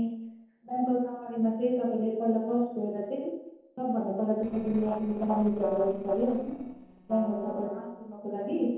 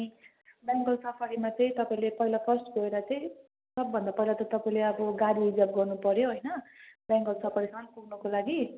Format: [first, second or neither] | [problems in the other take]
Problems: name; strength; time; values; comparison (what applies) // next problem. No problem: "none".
second | noise reduction (neural separator model SepFormer DNS4)